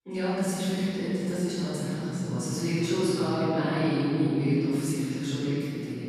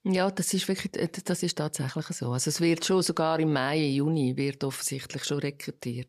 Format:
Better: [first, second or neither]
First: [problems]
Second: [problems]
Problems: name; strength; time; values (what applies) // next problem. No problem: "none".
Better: second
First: off-mic speech; far // room echo; strong; dies away in 3 s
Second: none